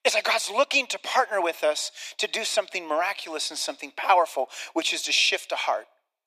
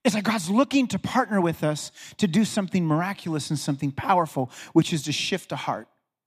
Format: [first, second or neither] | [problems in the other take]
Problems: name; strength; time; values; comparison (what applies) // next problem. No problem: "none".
second | thin; very; fading below 400 Hz